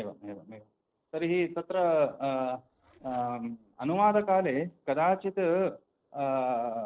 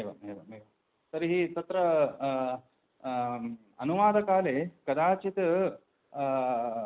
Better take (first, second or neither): second